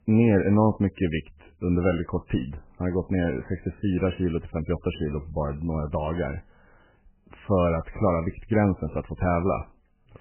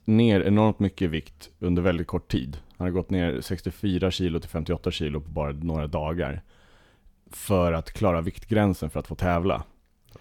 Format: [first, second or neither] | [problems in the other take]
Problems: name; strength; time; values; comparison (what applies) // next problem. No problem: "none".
second | garbled, watery; badly; nothing above 3 kHz